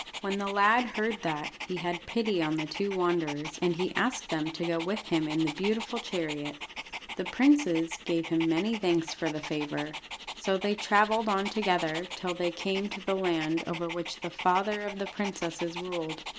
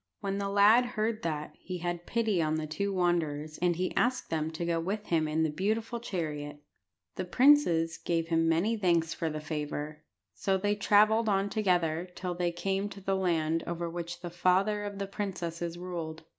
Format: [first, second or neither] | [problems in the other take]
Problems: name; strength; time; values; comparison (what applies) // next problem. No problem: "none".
second | background sound (Dog); 11 dB below the speech